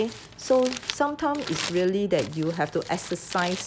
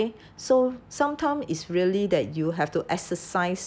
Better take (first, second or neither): second